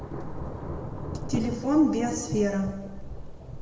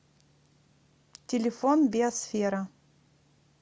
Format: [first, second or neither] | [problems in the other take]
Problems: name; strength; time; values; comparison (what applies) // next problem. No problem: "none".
second | background sound (Thunder / Rain); 6 dB below the speech // room echo; dies away in 1.2 s